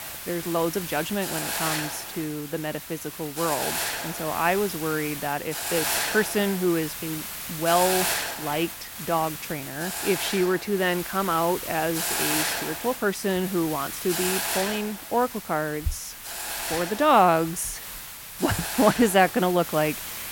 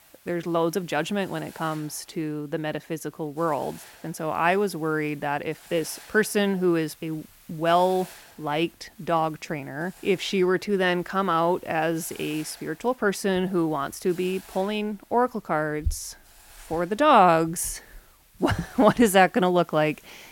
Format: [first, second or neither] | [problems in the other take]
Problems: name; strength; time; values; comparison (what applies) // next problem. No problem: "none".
second | hiss; loud; throughout; 4 dB below the speech; faint in the second